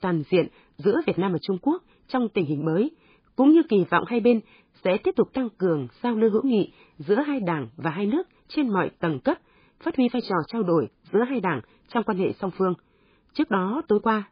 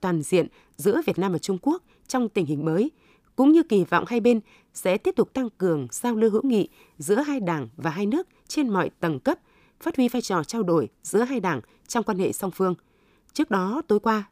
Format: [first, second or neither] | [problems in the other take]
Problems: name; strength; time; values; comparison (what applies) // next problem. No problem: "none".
second | garbled, watery; badly; nothing above 4.5 kHz